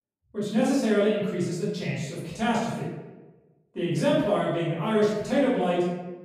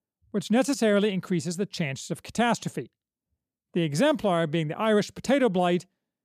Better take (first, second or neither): second